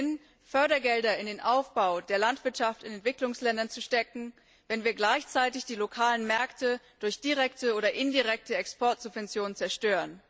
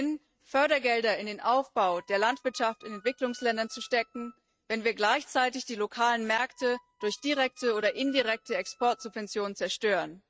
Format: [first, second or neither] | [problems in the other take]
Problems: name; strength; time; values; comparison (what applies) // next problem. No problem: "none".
first | noise reduction (neural mask model RNNoise)